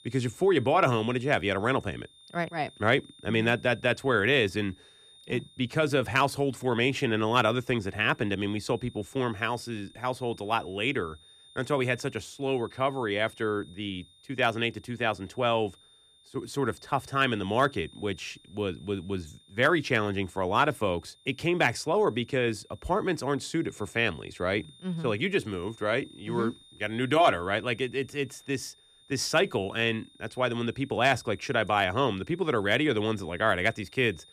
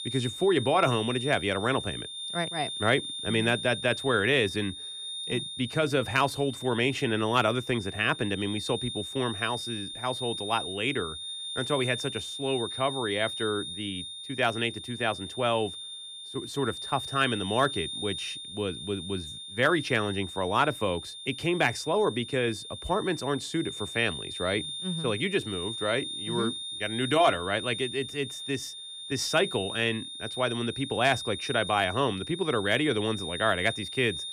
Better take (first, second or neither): first